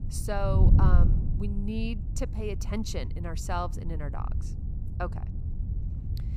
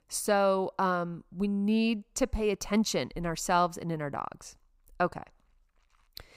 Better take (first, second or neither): second